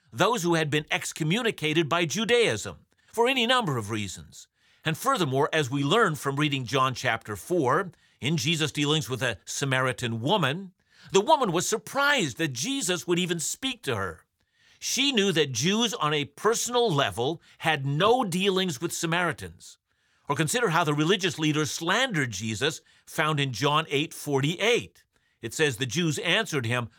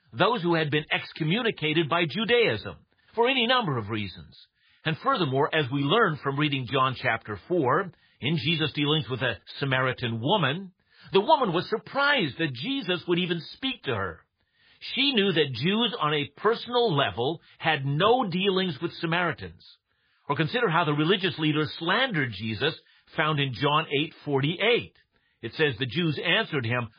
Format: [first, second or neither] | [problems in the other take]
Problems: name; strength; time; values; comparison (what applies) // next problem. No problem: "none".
first | garbled, watery; badly